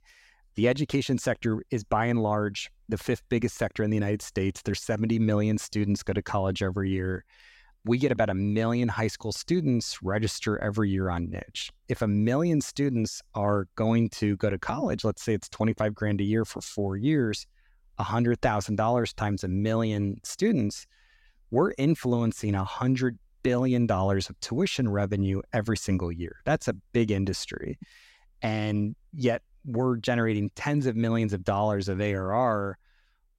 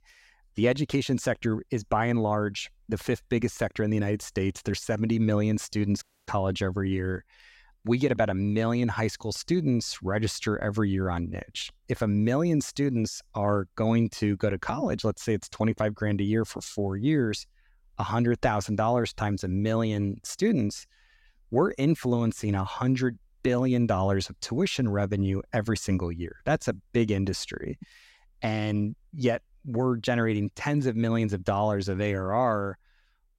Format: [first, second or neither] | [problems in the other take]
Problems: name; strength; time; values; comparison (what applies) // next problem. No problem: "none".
first | audio cutting out; at 6 s